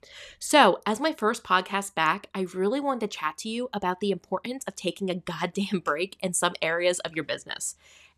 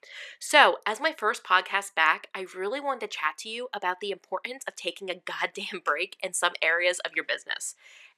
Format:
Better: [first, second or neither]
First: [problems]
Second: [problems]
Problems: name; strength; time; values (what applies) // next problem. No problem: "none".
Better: first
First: none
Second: thin; very; fading below 500 Hz